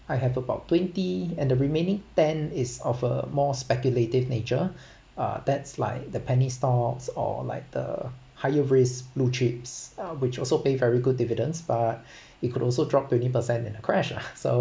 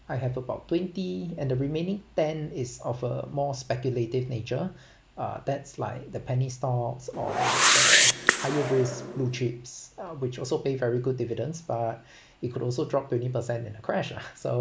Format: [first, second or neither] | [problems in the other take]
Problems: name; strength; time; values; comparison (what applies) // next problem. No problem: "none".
first | background sound (Whoosh, swoosh, swish); 5 dB above the speech